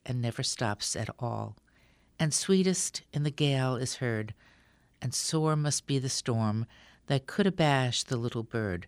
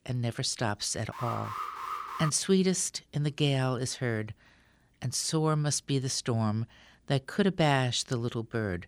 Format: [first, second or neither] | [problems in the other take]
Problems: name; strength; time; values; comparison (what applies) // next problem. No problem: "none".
first | alarm; noticeable; from 1 to 2.5 s; peak 6 dB below the speech